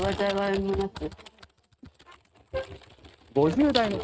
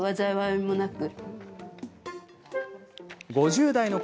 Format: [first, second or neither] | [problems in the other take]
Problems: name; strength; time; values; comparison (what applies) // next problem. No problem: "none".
second | noise reduction (neural mask model RNNoise)